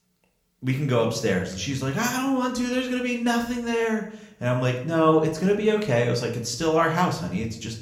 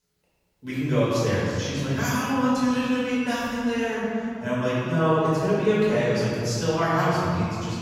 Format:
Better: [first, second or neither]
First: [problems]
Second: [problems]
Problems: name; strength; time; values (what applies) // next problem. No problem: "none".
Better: first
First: room echo; slight; dies away in 0.6 s // off-mic speech; somewhat distant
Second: room echo; strong; dies away in 2.4 s // off-mic speech; far